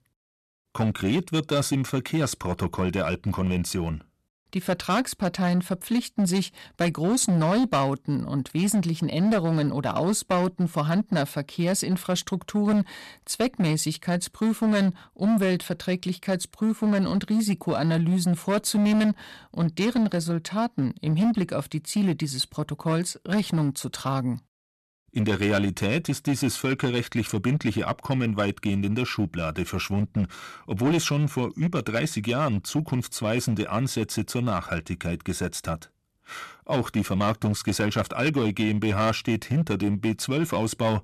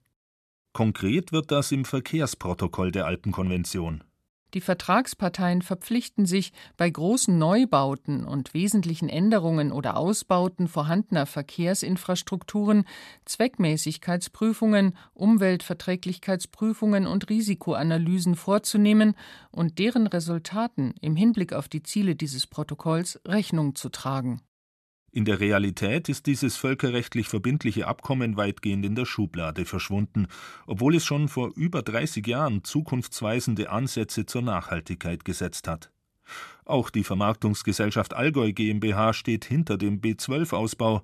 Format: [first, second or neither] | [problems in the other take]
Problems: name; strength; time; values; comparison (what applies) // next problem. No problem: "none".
second | distortion; slight; 9% of the sound clipped